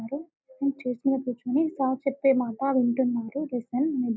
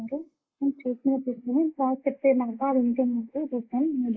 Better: first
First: none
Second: noise reduction (neural mask model Resemble Enhance denoiser)

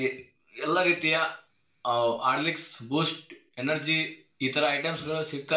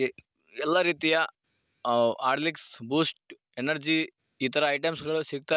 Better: second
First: room echo; dies away in 0.4 s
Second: none

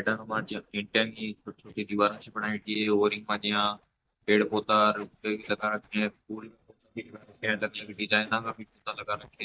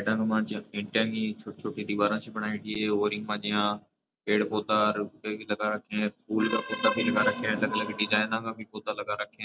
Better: second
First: noise reduction (neural mask model DeepFilterNet 3)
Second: none

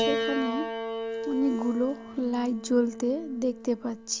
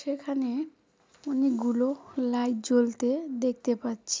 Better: second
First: background sound (Piano); 5 dB below the speech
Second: none

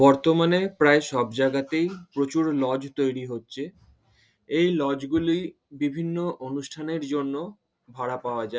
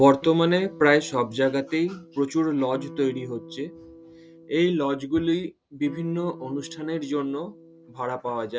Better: first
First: none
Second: background sound (Electric guitar); 19 dB below the speech

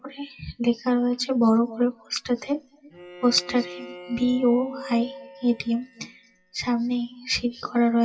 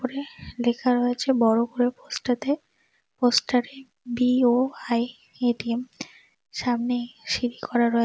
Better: second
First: noise reduction (classical method WPE with log-MMSE)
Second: none

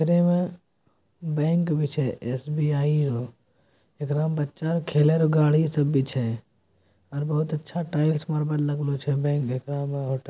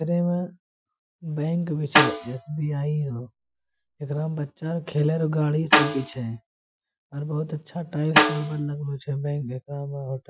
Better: first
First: none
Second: noise reduction (classical method Wiener filter)

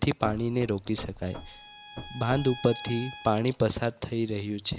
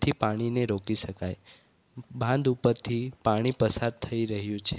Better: second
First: background sound (Knock / Wood + Bowed string instrument); 13 dB below the speech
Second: none

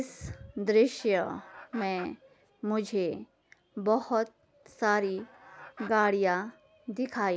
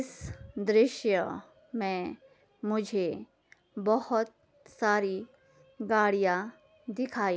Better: second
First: background sound (Chicken, rooster); 20 dB below the speech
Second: none

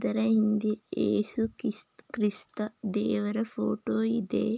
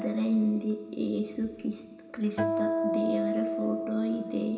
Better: first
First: none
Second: background sound (Acoustic guitar); 2 dB below the speech // room echo; dies away in 1.3 s

